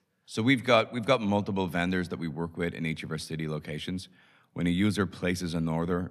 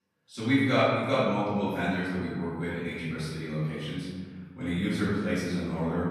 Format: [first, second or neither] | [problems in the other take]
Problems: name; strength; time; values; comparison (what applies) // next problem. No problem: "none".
first | off-mic speech; far // room echo; strong; dies away in 1.4 s